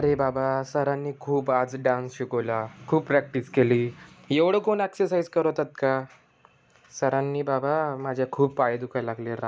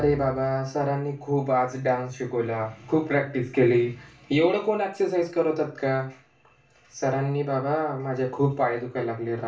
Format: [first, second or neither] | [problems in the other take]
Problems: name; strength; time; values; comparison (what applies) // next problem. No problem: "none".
first | room echo; dies away in 0.3 s